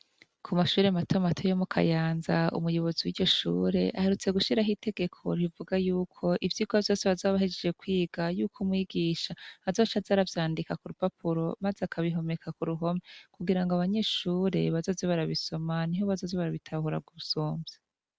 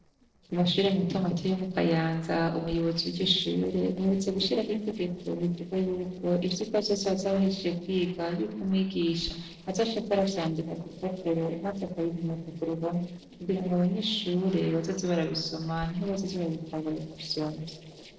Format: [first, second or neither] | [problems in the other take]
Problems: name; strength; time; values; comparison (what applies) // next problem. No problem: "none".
first | noise reduction (neural separator model SepFormer DNS4)